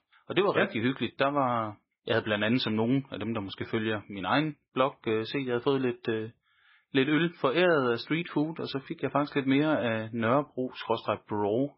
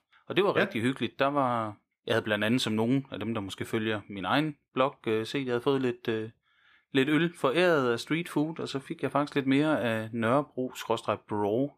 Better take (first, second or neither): second